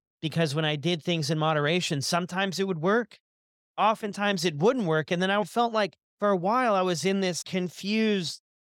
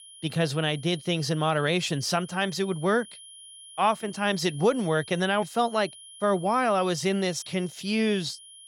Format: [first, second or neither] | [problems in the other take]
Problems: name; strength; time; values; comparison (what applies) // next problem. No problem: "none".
first | high-pitched whine; noticeable; throughout; 3 kHz, 20 dB below the speech